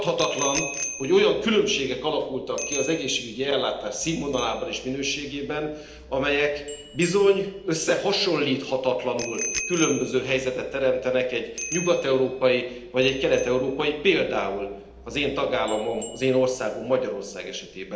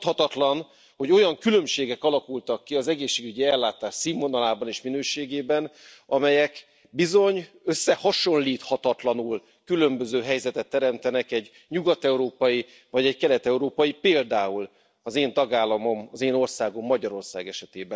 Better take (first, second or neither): second